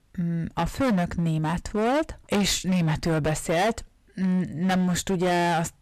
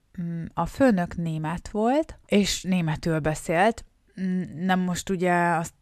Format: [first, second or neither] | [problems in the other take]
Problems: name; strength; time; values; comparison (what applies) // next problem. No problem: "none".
second | distortion; heavy; 18% of the sound clipped